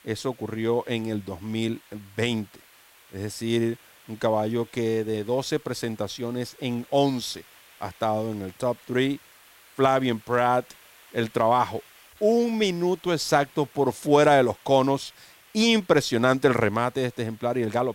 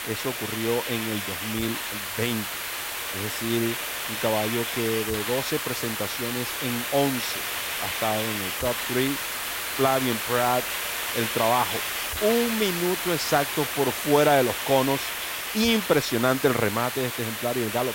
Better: first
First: hiss; faint; throughout; 25 dB below the speech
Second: hiss; loud; throughout; 2 dB below the speech

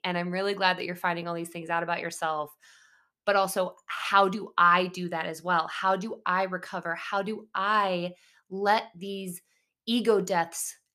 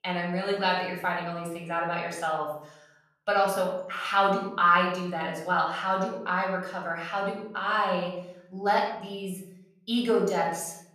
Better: first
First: none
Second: off-mic speech; somewhat distant // room echo; noticeable; dies away in 0.6 s

